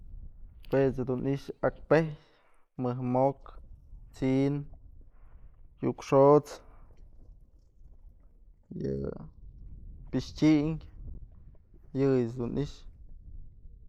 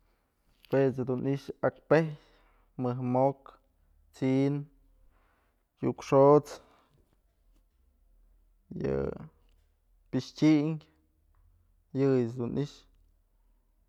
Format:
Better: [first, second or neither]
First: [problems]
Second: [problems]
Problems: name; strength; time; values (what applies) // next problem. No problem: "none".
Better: second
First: noise reduction (neural mask model Resemble Enhance denoiser)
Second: none